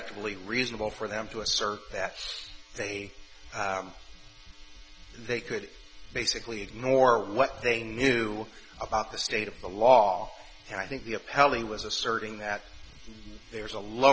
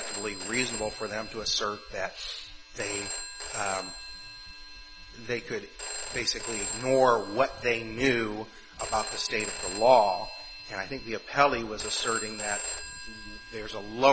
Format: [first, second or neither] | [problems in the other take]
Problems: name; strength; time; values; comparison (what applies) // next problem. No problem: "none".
first | background sound (Telephone); 9 dB below the speech